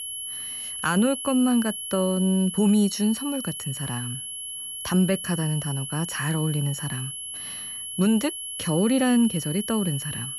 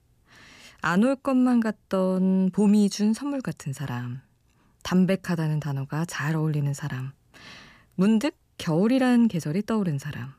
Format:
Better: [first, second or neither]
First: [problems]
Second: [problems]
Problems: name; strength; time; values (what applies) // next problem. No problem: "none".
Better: second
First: high-pitched whine; loud; throughout; 3 kHz, 7 dB below the speech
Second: none